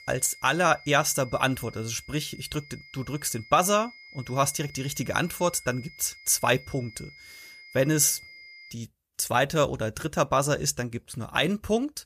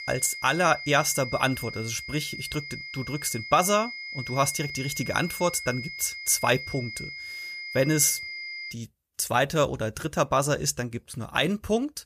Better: first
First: high-pitched whine; faint; until 8.5 s; 2 kHz, 20 dB below the speech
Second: high-pitched whine; loud; until 8.5 s; 2 kHz, 9 dB below the speech

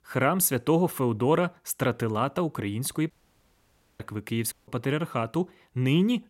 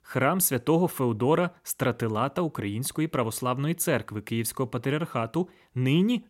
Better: second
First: audio cutting out; at 3 s for 1 s and at 4.5 s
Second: none

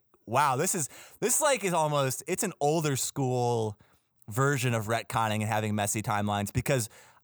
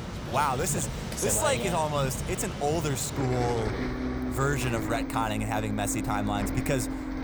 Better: first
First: none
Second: traffic noise; loud; throughout; 4 dB below the speech

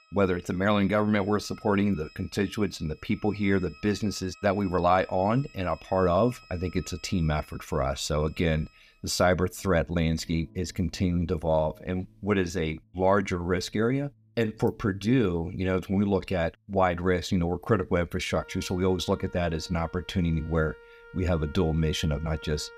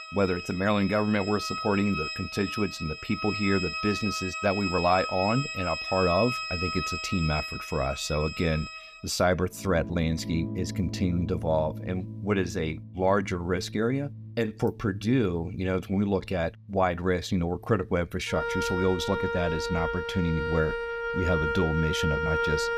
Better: first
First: background music; faint; throughout; 25 dB below the speech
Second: background music; loud; throughout; 4 dB below the speech

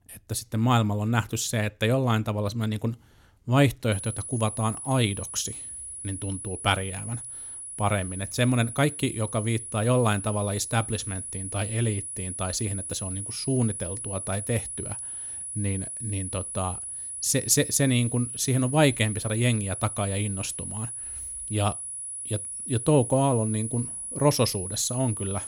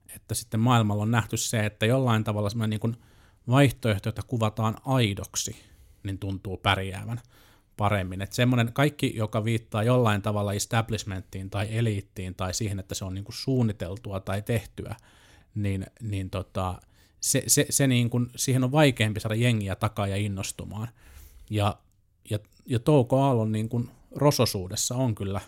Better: second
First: high-pitched whine; loud; from 4 s on; 10 kHz, 6 dB below the speech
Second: none

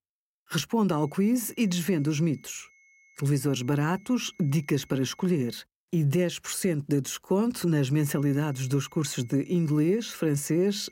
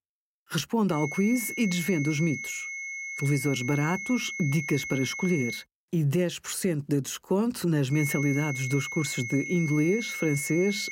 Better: first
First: high-pitched whine; faint; from 1 to 5.5 s and from 8 s on; 2 kHz, 30 dB below the speech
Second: high-pitched whine; loud; from 1 to 5.5 s and from 8 s on; 2 kHz, 6 dB below the speech

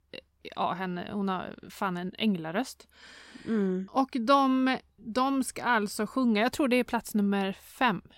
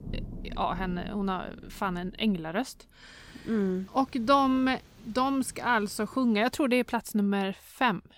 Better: first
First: none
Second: rain or running water; noticeable; until 6.5 s; 20 dB below the speech

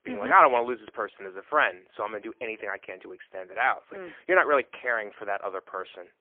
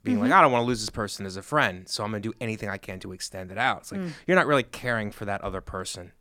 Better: second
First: phone-call audio; poor line; nothing above 3.5 kHz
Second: none

